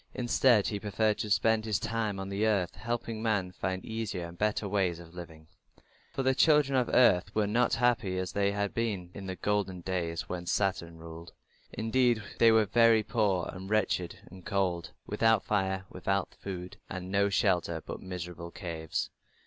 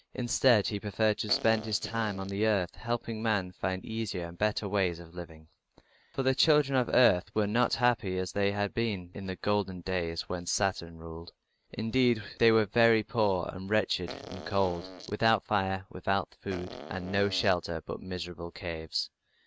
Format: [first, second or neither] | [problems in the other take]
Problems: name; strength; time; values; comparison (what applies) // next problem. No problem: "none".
first | noise reduction (neural mask model RNNoise)